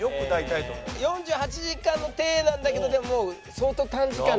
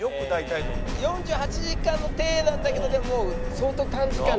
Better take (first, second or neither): first